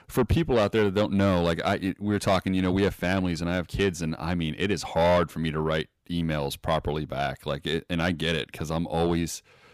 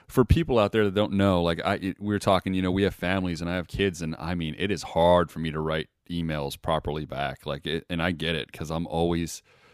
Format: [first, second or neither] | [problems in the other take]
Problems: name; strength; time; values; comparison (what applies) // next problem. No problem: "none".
second | distortion; slight; 10 dB below the speech